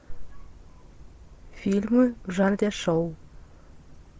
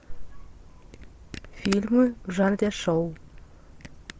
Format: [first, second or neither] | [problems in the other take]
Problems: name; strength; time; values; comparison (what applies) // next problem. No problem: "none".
first | background sound (Camera); 17 dB below the speech